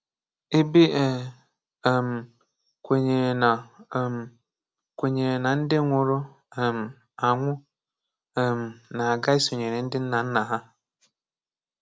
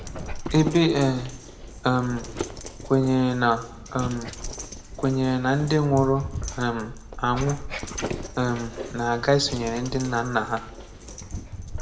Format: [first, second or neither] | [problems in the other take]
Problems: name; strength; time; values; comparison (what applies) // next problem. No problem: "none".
first | background sound (Dog); 9 dB below the speech // room echo; dies away in 0.5 s